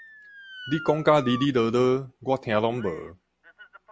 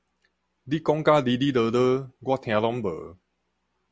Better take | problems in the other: second | background sound (Motor vehicle (road) / Siren); 18 dB below the speech

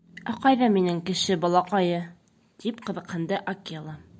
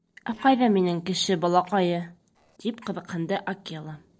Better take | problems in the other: first | noise reduction (neural separator model SepFormer DNS4)

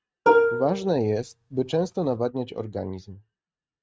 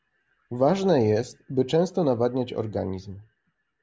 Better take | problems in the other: second | noise reduction (neural mask model RNNoise)

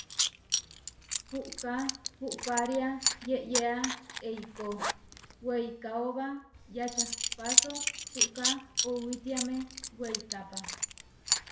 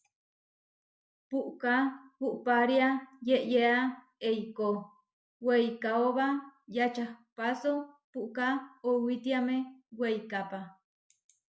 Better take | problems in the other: second | background sound (Coin (dropping) / Zipper (clothing)); 2 dB above the speech // room echo; dies away in 0.7 s

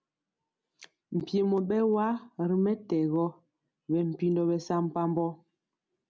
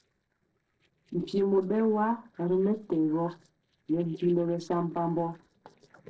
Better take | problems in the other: first | noise reduction (neural separator model SepFormer DNS4)

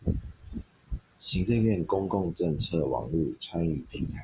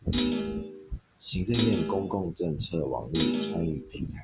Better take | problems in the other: first | background sound (Thump, thud); as loud as the speech

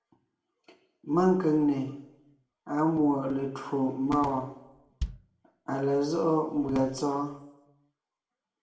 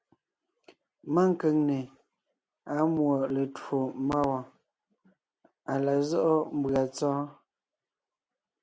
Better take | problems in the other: second | background sound (Bass drum); 11 dB below the speech // room echo; dies away in 0.7 s

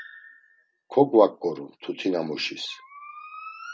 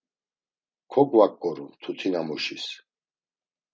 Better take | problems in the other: second | background sound (Bird); 20 dB below the speech

